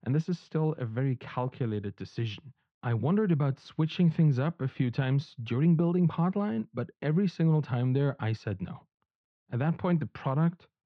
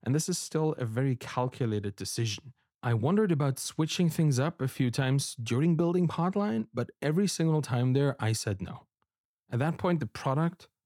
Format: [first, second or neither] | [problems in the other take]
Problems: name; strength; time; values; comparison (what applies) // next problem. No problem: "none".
second | muffled; slightly; fading above 3.5 kHz